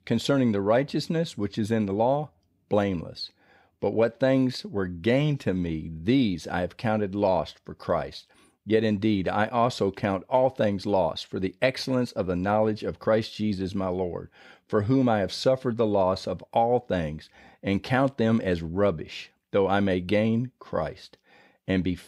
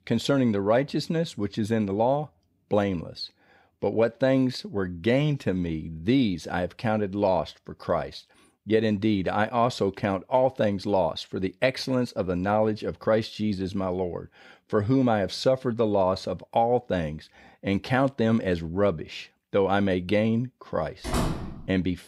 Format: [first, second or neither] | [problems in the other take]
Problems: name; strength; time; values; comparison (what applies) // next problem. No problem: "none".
first | door banging; noticeable; at 21 s; peak 2 dB below the speech